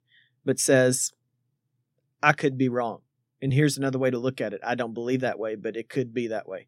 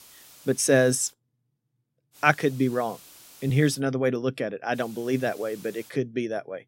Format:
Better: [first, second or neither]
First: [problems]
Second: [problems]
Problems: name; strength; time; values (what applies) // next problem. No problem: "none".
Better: first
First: none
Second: hiss; faint; until 1 s, from 2 to 4 s and from 5 to 6 s; 25 dB below the speech